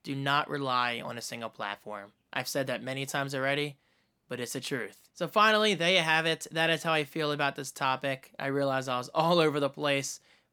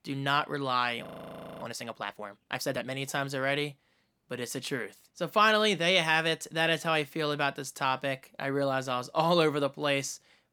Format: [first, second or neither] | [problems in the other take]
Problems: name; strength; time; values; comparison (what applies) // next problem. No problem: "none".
first | audio freezing; at 1 s for 0.5 s